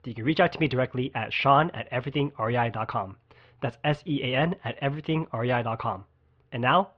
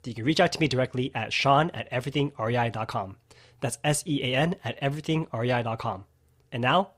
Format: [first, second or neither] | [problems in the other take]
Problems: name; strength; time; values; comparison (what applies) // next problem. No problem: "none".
second | muffled; very; fading above 3.5 kHz